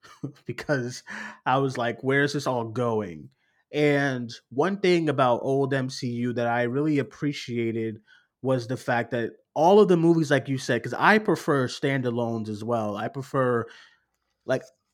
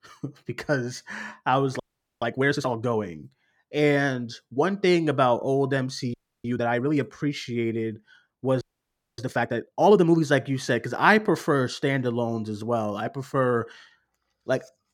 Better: first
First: none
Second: audio freezing; at 2 s, at 6 s and at 8.5 s for 0.5 s

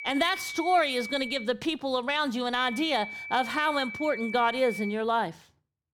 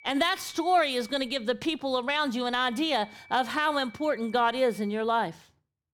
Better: second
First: high-pitched whine; loud; until 1.5 s and from 2.5 to 5 s; 2.5 kHz, 9 dB below the speech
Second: high-pitched whine; faint; until 1.5 s and from 2.5 to 5 s; 2.5 kHz, 25 dB below the speech

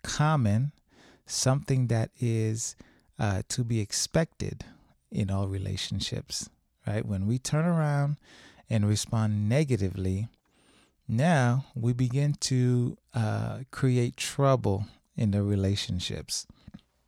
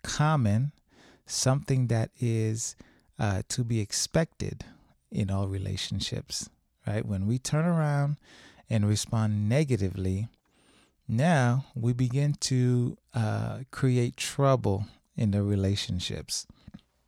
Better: neither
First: none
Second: none

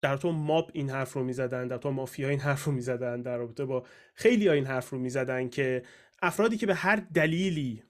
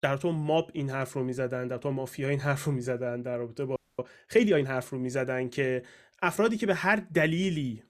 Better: first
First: none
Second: audio freezing; at 4 s

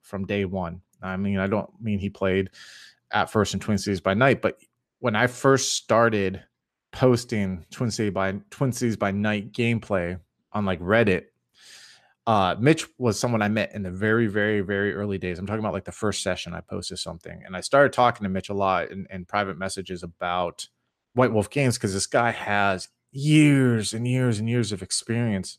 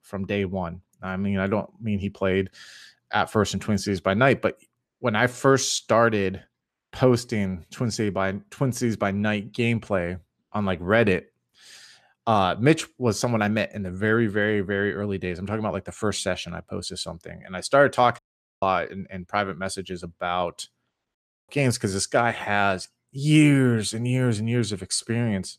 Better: first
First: none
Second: audio cutting out; at 18 s and at 21 s

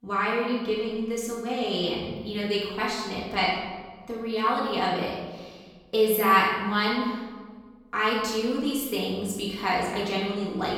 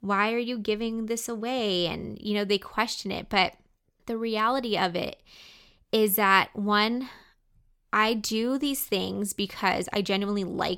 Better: second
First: room echo; noticeable; dies away in 1.2 s // off-mic speech; far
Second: none

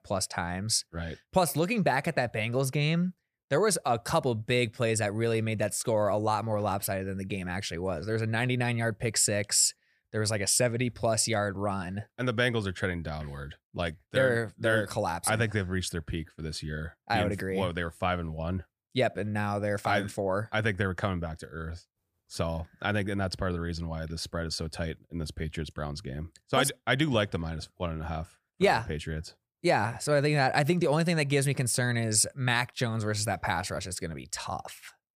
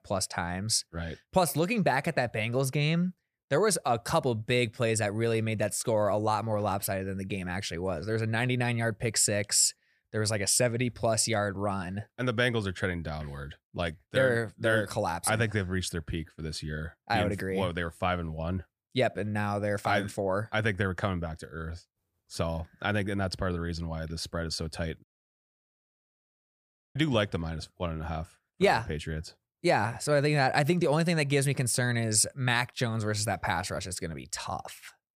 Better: first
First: none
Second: audio cutting out; at 25 s for 2 s

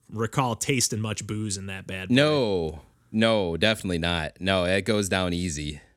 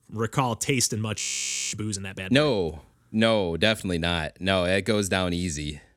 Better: first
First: none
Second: audio freezing; at 1 s for 0.5 s

